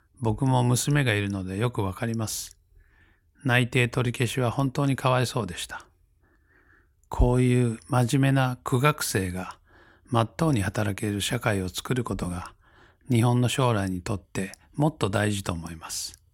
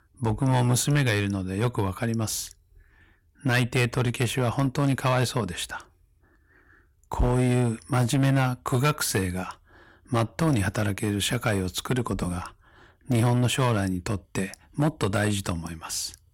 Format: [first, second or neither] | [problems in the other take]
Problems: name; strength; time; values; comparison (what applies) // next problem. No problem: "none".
first | distortion; slight; 5% of the sound clipped